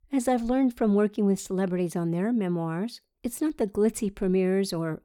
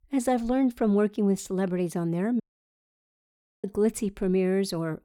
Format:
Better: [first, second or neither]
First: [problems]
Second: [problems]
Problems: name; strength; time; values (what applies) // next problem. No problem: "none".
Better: first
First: none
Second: audio cutting out; at 2.5 s for 1 s